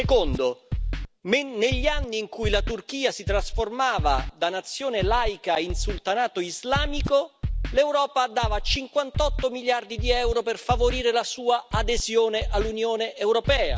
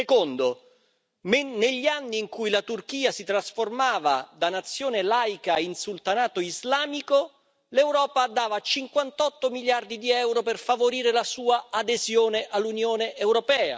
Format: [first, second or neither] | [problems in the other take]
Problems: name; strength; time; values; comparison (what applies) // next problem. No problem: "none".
second | background sound (Scratching (performance technique)); 5 dB below the speech